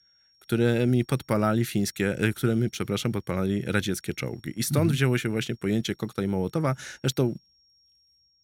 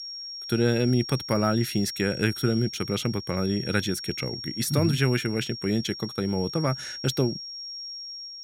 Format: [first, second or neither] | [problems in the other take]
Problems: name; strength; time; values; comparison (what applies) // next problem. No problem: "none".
first | high-pitched whine; loud; throughout; 5.5 kHz, 8 dB below the speech; faint in the first